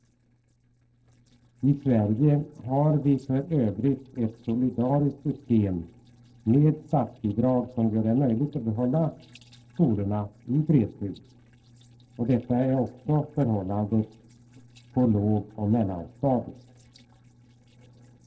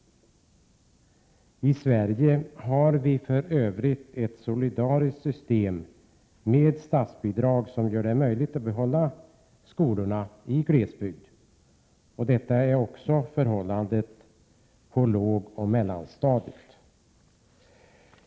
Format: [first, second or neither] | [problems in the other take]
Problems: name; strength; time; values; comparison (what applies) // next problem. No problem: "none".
second | noise reduction (neural separator model SepFormer DNS4)